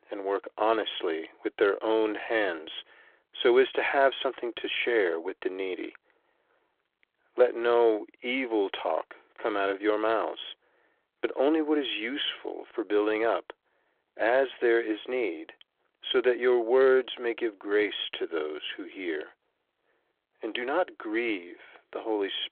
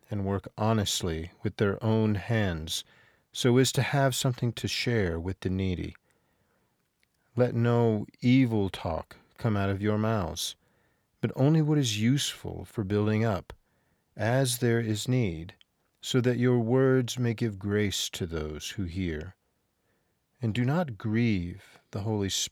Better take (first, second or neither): second